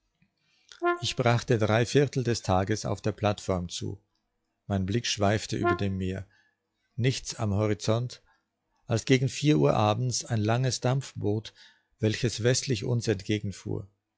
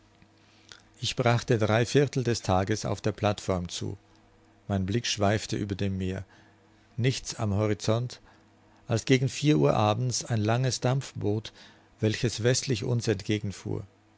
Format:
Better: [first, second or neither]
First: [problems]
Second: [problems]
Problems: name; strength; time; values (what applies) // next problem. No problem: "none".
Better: second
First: noise reduction (classical method log-MMSE)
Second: none